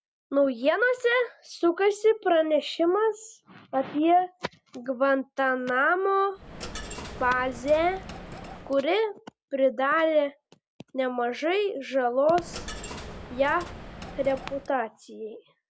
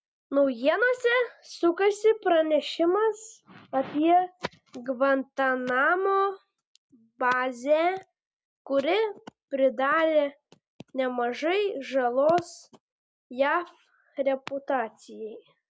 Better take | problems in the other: second | background sound (Coin (dropping)); 13 dB below the speech

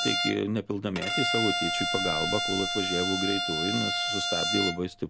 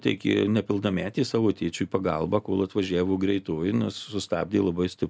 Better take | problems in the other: second | background sound (Bowed string instrument); 1 dB above the speech

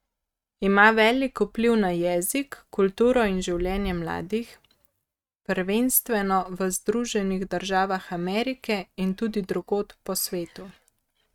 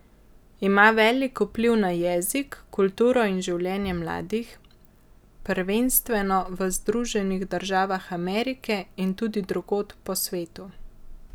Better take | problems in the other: second | noise reduction (neural mask model RNNoise)

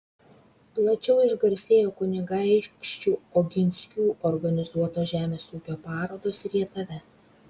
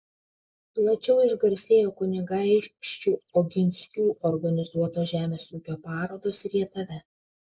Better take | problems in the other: first | noise reduction (neural mask model Resemble Enhance denoiser)

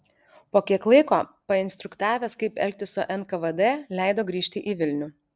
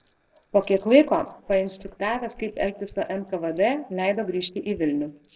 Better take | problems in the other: first | noise reduction (neural separator model SepFormer DNS4)

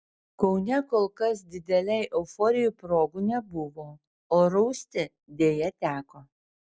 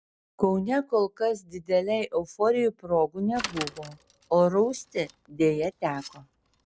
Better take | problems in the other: first | background sound (Bicycle); 16 dB below the speech

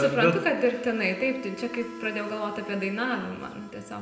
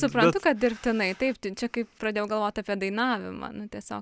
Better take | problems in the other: second | background sound (Insect); 16 dB below the speech // room echo; dies away in 0.8 s

